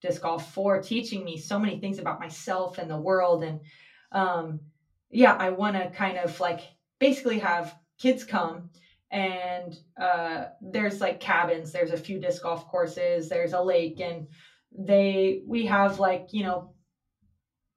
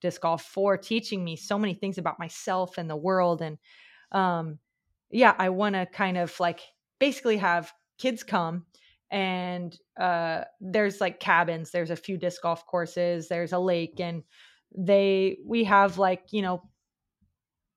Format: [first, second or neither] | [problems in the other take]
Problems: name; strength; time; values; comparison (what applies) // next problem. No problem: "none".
second | off-mic speech; far // room echo; very slight; dies away in 0.2 s